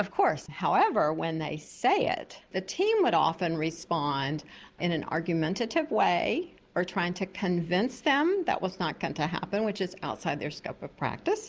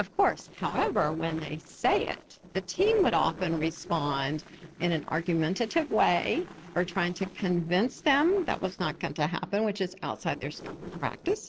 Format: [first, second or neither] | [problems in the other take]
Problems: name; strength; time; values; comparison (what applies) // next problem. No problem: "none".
first | noise reduction (neural separator model SepFormer DNS4)